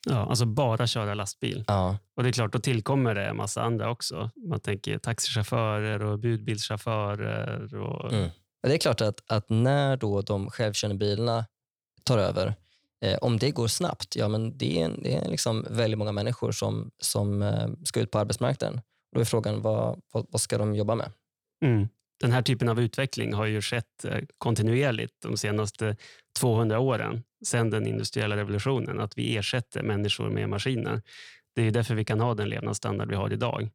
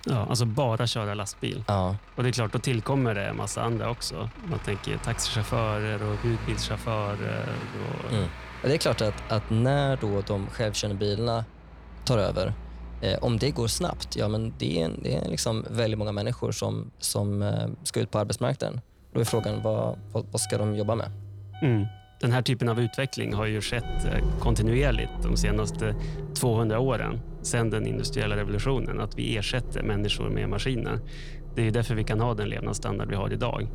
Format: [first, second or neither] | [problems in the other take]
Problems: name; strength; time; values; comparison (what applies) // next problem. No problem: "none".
first | traffic noise; noticeable; throughout; 10 dB below the speech